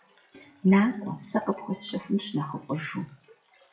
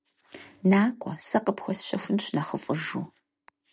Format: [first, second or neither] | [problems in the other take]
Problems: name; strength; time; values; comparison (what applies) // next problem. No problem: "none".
second | noise reduction (classical method WPE with log-MMSE)